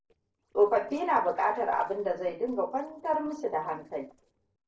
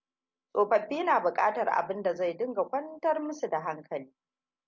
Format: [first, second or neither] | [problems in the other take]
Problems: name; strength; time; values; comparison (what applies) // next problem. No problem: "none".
second | noise reduction (neural separator model SepFormer DNS4)